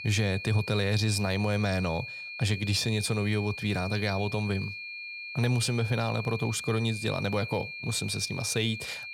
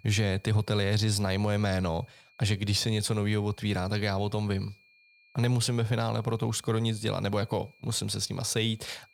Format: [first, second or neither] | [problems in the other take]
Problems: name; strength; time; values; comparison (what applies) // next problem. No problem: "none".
second | high-pitched whine; loud; throughout; 2.5 kHz, 8 dB below the speech; faint in the second